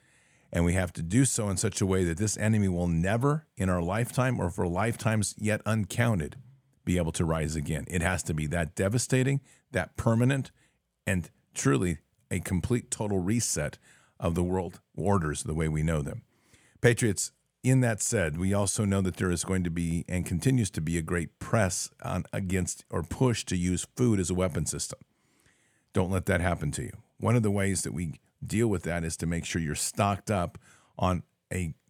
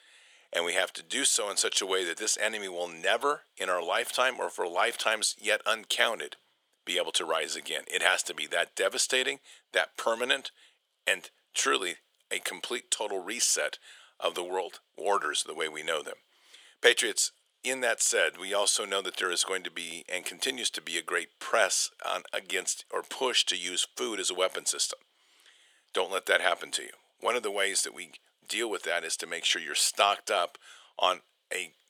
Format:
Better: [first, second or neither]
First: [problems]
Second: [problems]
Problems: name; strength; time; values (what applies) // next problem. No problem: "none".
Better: first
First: none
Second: thin; very; fading below 450 Hz